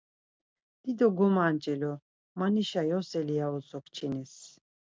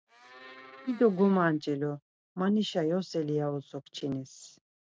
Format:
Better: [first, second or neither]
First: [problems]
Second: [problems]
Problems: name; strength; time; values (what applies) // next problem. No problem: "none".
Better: first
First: none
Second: noise reduction (neural mask model RNNoise)